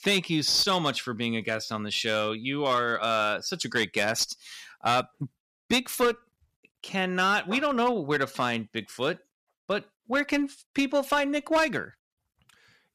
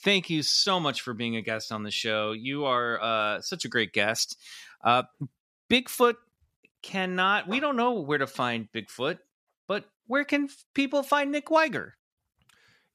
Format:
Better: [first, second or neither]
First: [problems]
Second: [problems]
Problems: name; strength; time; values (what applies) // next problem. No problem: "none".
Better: second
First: distortion; slight; 4% of the sound clipped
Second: none